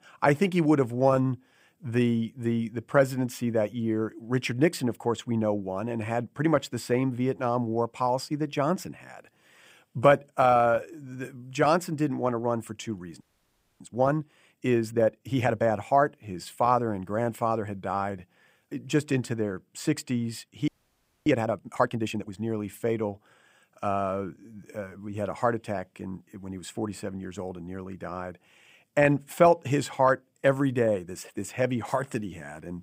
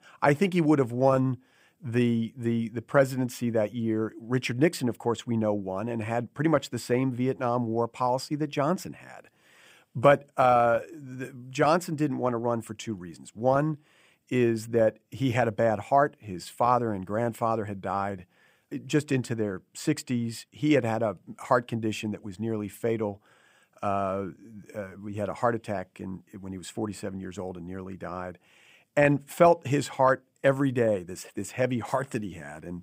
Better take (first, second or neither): second